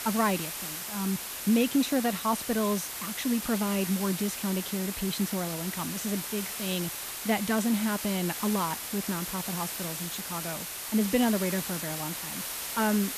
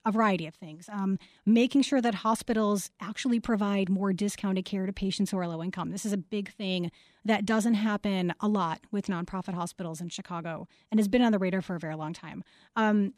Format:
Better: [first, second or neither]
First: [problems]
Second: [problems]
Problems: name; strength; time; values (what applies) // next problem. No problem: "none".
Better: second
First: hiss; loud; throughout; 4 dB below the speech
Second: none